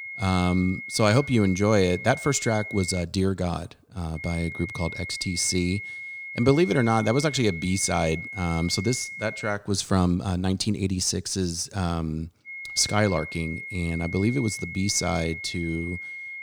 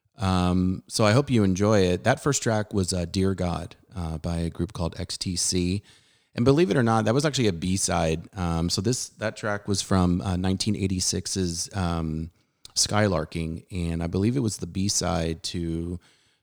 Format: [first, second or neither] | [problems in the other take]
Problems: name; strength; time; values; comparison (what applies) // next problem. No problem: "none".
second | high-pitched whine; loud; until 3 s, from 4 to 9.5 s and from 12 s on; 2 kHz, 9 dB below the speech